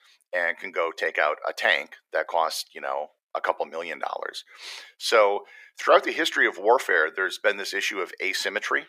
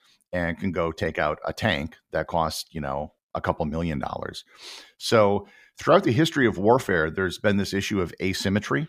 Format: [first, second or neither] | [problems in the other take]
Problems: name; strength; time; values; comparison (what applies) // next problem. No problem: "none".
second | thin; very; fading below 450 Hz